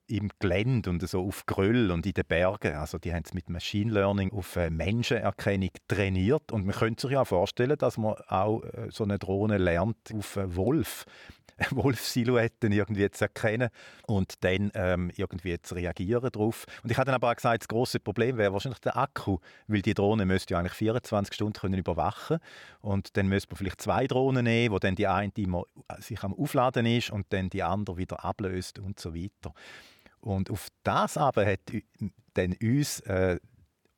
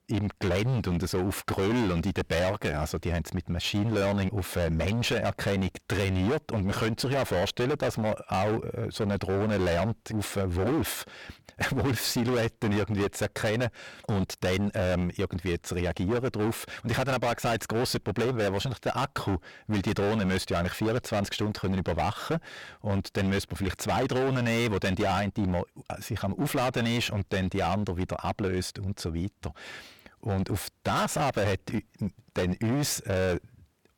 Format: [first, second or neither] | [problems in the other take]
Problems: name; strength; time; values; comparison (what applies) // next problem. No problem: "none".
first | distortion; heavy; 23% of the sound clipped